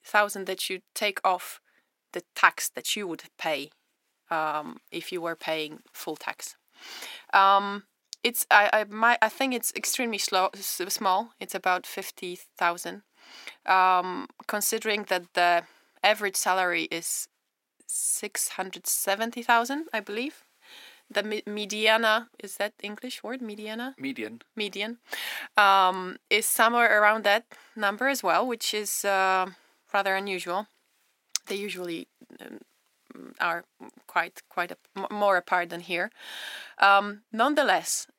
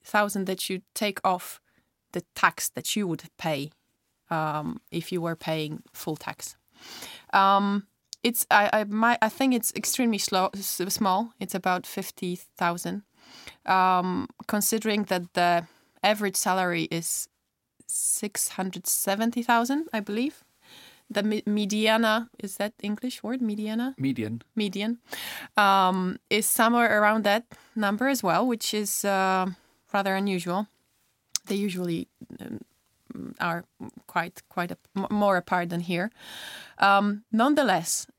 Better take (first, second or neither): second